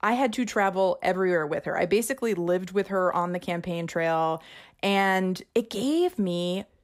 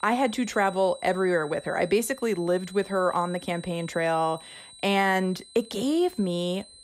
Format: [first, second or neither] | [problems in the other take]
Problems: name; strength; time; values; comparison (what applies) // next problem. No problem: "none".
first | high-pitched whine; noticeable; throughout; 4 kHz, 20 dB below the speech